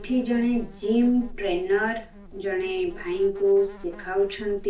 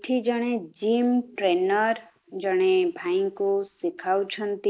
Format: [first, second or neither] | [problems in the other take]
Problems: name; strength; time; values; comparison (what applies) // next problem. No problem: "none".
second | background sound (Insect); 16 dB below the speech // room echo; dies away in 0.2 s